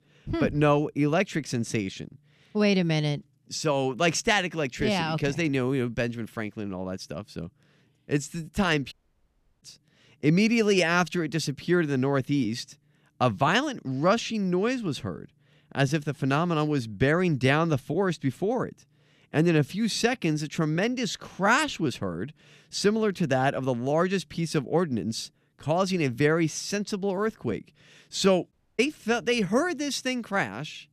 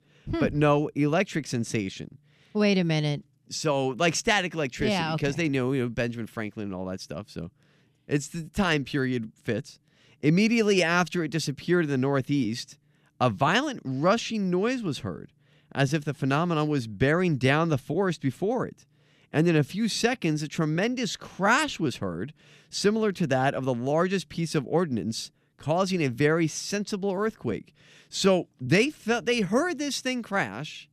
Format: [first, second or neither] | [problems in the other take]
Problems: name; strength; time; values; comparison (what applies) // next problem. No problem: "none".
second | audio cutting out; at 9 s for 0.5 s and at 29 s